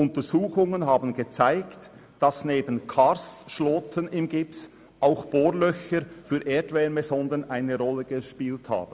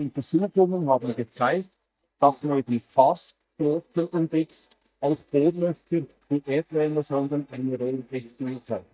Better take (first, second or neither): first